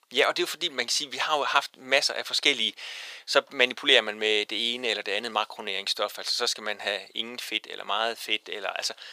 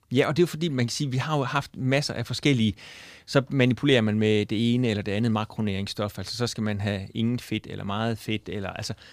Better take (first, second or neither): second